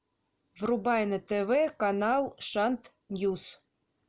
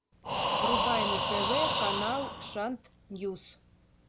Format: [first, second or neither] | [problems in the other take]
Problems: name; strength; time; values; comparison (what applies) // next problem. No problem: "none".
first | background sound (Breathing); 4 dB above the speech